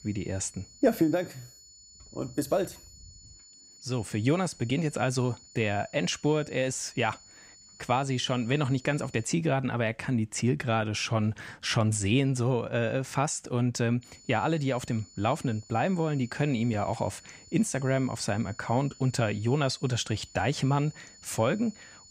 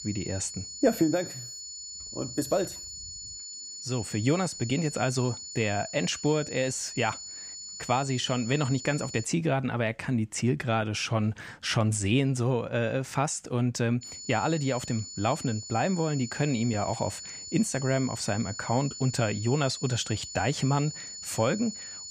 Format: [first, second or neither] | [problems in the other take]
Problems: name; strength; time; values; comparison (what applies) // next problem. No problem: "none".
first | high-pitched whine; loud; until 9 s and from 14 s on; 7 kHz, 10 dB below the speech; faint in the first